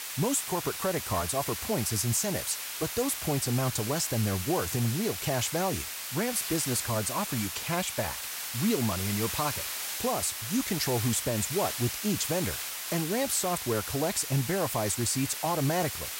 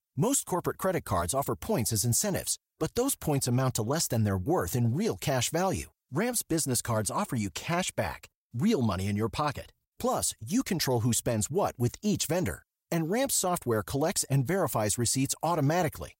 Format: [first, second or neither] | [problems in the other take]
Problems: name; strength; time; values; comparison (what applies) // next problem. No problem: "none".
second | hiss; loud; throughout; 4 dB below the speech